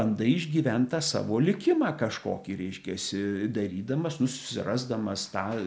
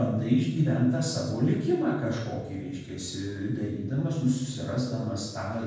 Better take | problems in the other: first | room echo; dies away in 1.2 s

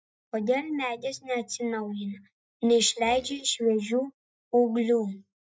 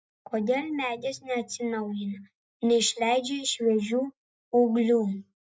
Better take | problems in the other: second | noise reduction (neural mask model DeepFilterNet 3)

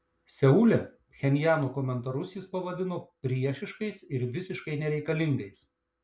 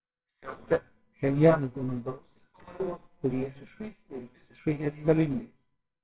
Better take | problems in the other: first | noise reduction (neural separator model SepFormer WHAMR!)

